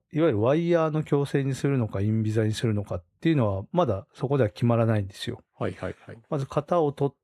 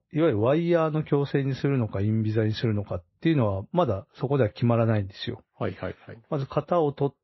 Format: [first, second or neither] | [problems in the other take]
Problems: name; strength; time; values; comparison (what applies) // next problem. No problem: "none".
first | garbled, watery; slightly; nothing above 5.5 kHz